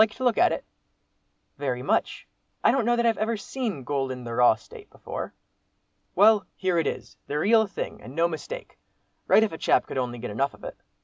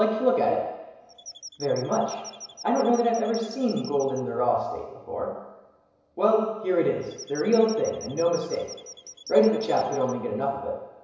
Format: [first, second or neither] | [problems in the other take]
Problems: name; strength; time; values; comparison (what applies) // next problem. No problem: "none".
first | background sound (Squeak / Chirp, tweet); 18 dB below the speech // room echo; dies away in 1 s